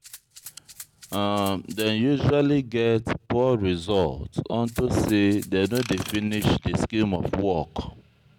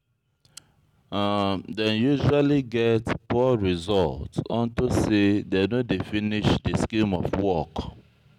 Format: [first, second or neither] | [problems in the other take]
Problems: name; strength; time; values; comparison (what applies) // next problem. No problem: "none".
second | background sound (Rattle (instrument) + Ratchet, pawl / Tools); 19 dB below the speech